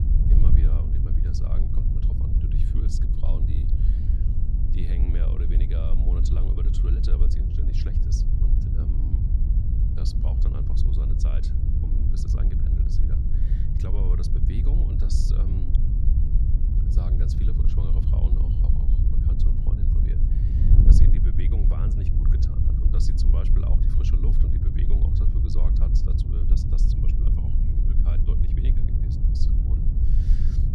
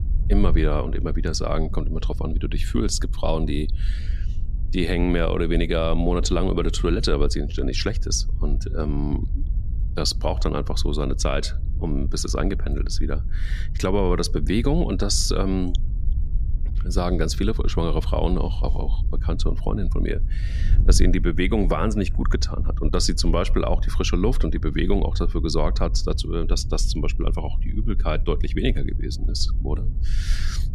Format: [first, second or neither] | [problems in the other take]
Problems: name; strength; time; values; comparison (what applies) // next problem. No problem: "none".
second | wind noise on the microphone; heavy; 4 dB above the speech; occasional gusts in the second